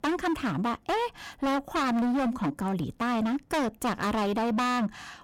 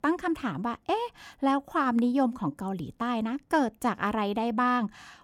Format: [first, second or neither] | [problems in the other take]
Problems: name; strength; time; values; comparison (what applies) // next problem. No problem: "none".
second | distortion; heavy; 26% of the sound clipped